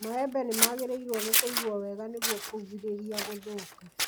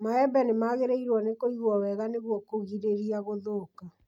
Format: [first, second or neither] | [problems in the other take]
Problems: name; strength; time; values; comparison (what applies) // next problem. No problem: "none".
second | background sound (Scissors); 1 dB above the speech